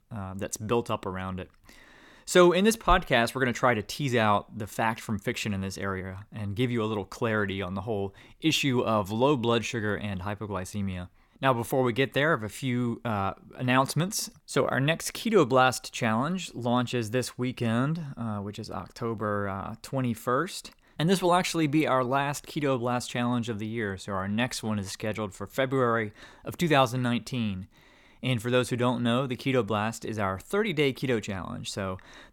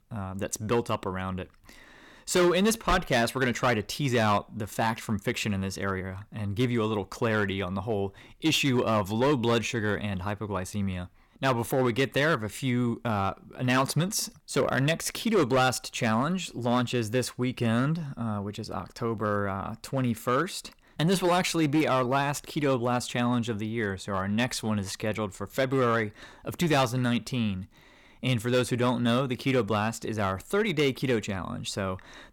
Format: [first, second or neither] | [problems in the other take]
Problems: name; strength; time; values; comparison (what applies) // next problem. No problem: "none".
first | distortion; slight; 4% of the sound clipped